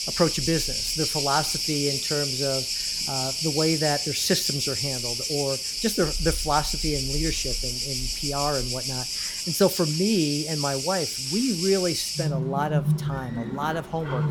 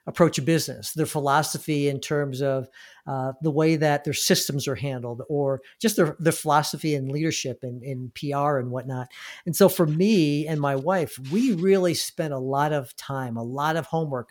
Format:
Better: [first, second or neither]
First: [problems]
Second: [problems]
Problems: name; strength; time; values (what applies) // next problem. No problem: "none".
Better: second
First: animal sounds; very loud; throughout; 1 dB above the speech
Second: none